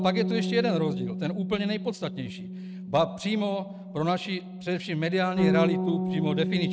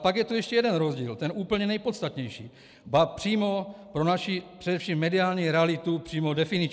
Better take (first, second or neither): second